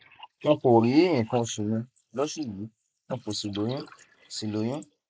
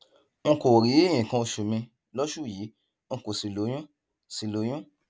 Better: second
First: noise reduction (neural mask model Resemble Enhance denoiser)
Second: none

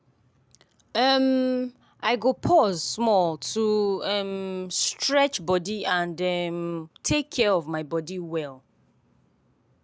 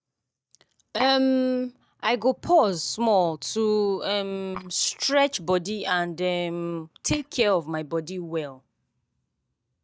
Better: first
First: none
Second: noise reduction (neural mask model DeepFilterNet 3)

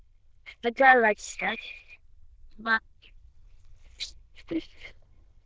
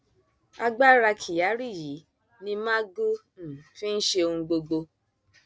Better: second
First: noise reduction (neural diffusion model UNIVERSE++)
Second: none

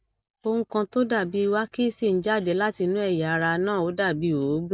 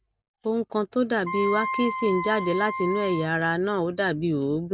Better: first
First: none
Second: background sound (Wind instrument, woodwind instrument); 5 dB below the speech

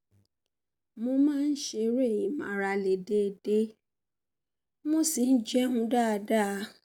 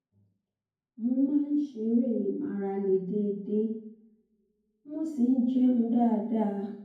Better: first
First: none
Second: room echo; dies away in 0.9 s

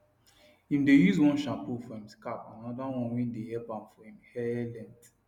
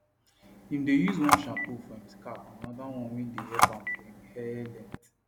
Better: first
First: none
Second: background sound (Telephone); 1 dB above the speech

